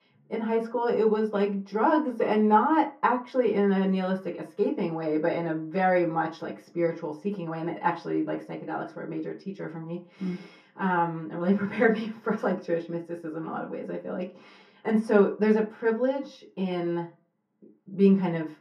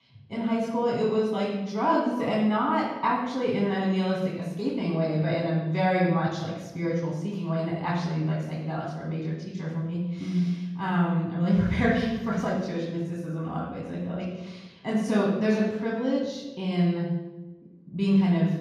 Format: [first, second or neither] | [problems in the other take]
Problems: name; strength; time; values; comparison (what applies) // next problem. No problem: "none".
first | room echo; strong; dies away in 1.3 s; slight in the first // off-mic speech; far; far in the first